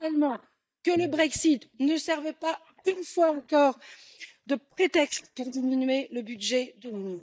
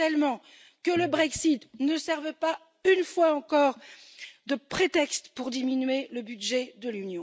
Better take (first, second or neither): second